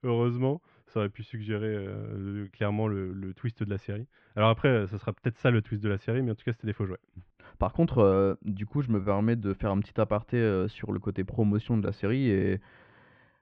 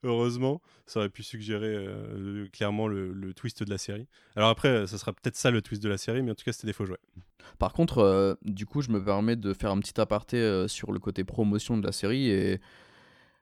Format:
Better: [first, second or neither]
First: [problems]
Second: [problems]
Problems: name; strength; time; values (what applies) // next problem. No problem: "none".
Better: second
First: muffled; very; fading above 2.5 kHz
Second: none